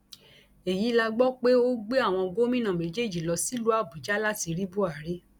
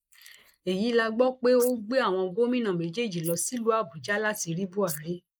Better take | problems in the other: first | noise reduction (neural mask model Resemble Enhance denoiser)

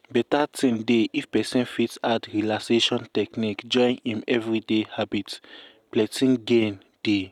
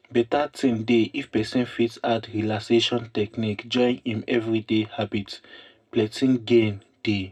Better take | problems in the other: first | room echo; dies away in 0.2 s

